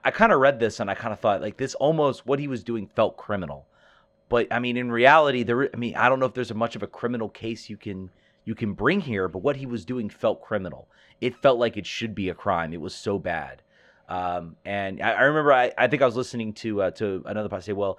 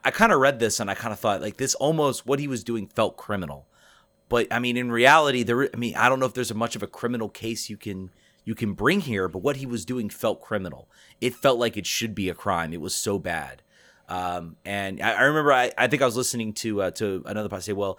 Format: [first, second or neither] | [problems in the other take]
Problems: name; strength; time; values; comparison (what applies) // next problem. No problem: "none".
second | muffled; slightly; fading above 3 kHz